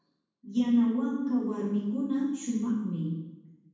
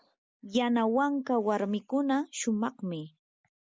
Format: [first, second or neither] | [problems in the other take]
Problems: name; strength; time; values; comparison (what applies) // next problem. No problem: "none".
second | room echo; dies away in 1.1 s